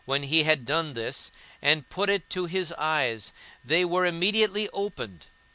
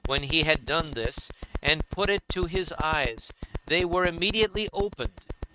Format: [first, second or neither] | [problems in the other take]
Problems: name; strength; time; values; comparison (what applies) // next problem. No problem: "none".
first | noise reduction (neural mask model RNNoise)